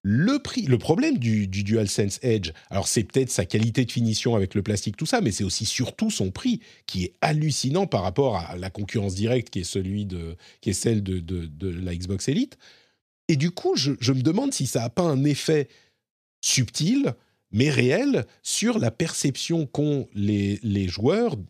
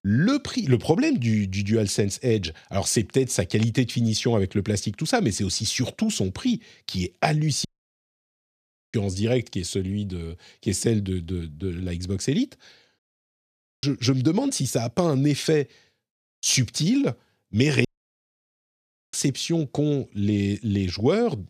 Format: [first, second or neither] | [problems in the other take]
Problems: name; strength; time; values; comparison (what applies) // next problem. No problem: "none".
first | audio cutting out; at 7.5 s for 1.5 s, at 13 s for 1 s and at 18 s for 1.5 s